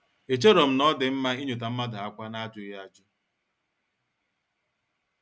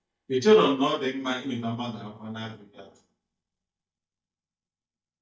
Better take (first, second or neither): first